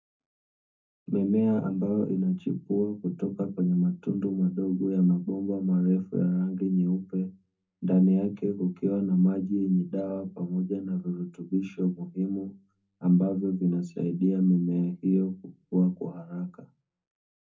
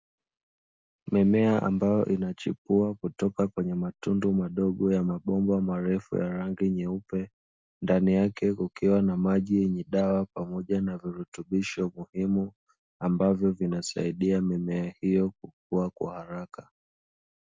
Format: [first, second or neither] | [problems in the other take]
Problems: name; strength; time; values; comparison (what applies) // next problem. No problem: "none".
second | room echo; dies away in 0.3 s